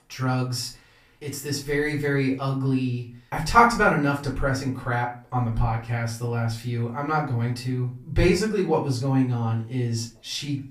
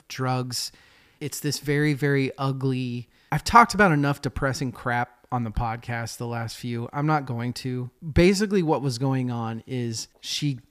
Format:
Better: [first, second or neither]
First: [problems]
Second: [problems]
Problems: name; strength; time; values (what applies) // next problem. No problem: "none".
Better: second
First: off-mic speech; far // room echo; slight; dies away in 0.3 s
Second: none